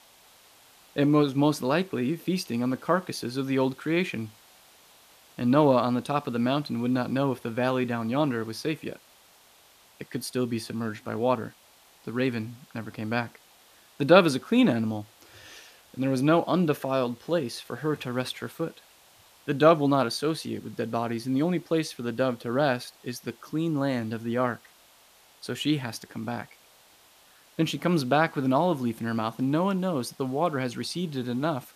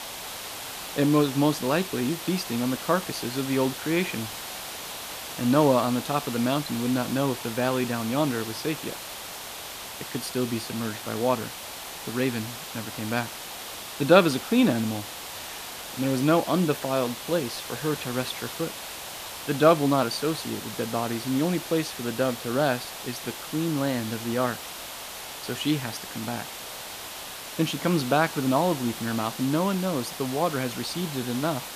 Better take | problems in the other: first | hiss; loud; throughout; 9 dB below the speech; faint in the first

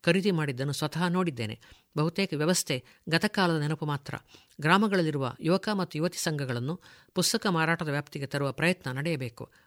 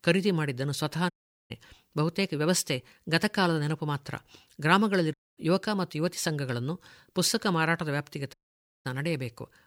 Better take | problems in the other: first | audio cutting out; at 1 s, at 5 s and at 8.5 s for 0.5 s

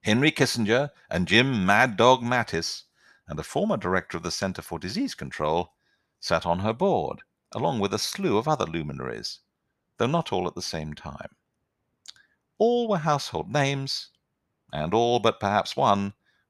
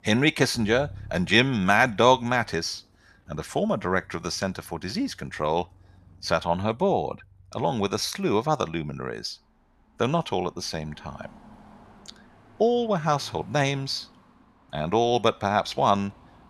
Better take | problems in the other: first | traffic noise; faint; throughout; 25 dB below the speech

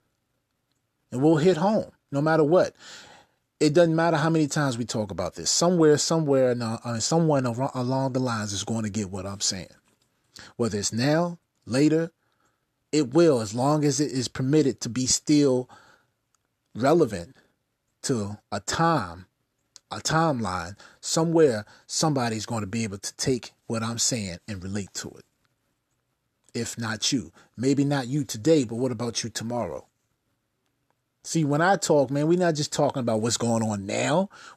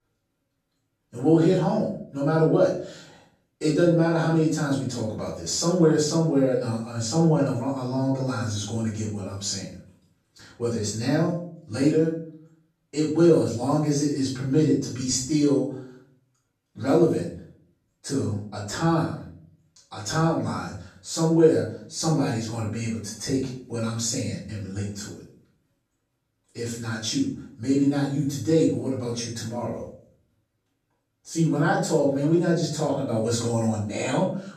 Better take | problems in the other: first | off-mic speech; far // room echo; noticeable; dies away in 0.5 s

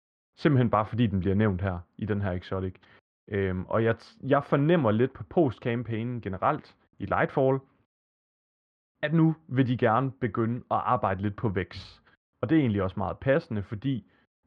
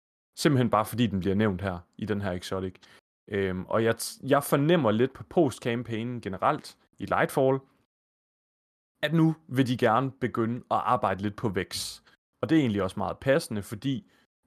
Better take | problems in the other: second | muffled; slightly; fading above 3 kHz

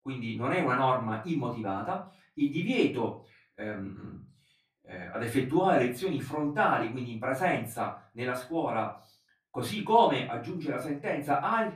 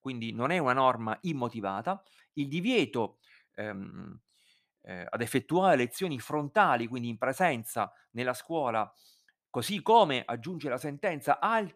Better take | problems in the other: second | off-mic speech; far // room echo; slight; dies away in 0.3 s

